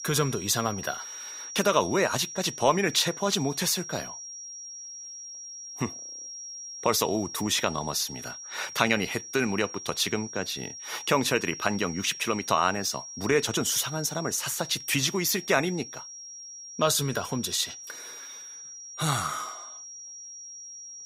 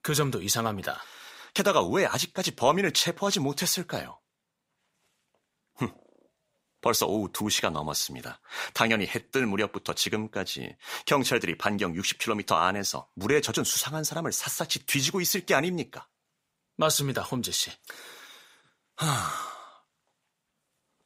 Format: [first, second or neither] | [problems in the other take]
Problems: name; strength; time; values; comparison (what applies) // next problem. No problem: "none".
second | high-pitched whine; noticeable; throughout; 5.5 kHz, 10 dB below the speech